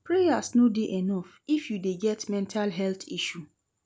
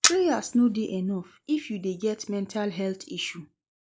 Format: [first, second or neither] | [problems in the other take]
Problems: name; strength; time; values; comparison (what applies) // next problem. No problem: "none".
first | noise reduction (neural mask model Resemble Enhance denoiser)